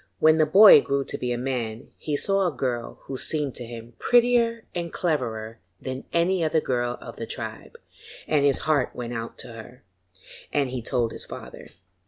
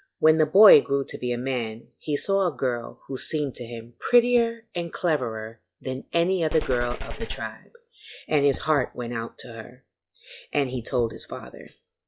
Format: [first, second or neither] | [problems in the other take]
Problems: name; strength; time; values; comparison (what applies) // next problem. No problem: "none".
first | noise reduction (classical method log-MMSE)